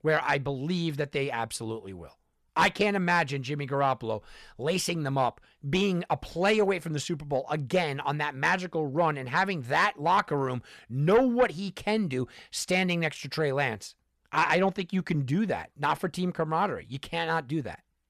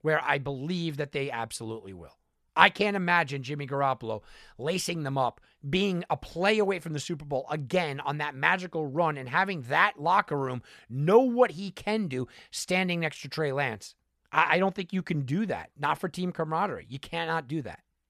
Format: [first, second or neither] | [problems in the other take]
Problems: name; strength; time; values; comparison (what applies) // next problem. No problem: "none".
second | distortion; slight; 10 dB below the speech